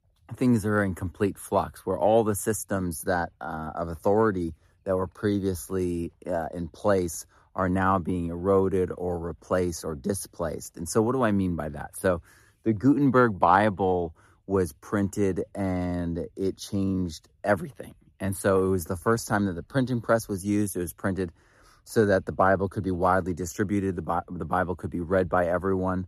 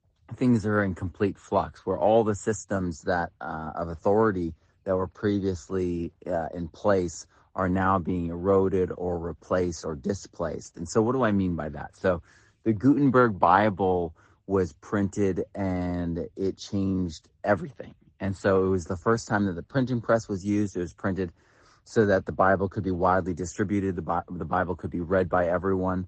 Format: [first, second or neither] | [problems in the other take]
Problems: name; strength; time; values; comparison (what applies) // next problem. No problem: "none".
first | garbled, watery; slightly; nothing above 8 kHz